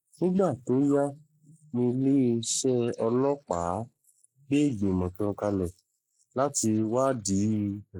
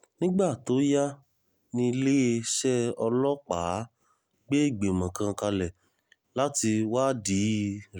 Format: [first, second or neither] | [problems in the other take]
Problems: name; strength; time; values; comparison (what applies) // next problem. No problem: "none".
second | noise reduction (neural mask model Resemble Enhance denoiser)